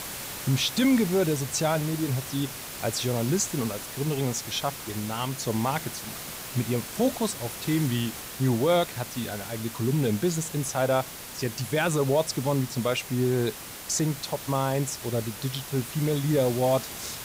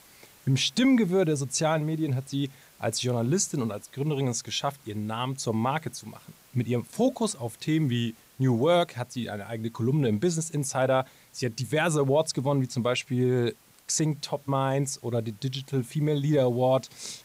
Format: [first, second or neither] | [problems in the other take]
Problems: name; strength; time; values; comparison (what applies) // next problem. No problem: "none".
second | hiss; loud; throughout; 9 dB below the speech; faint in the second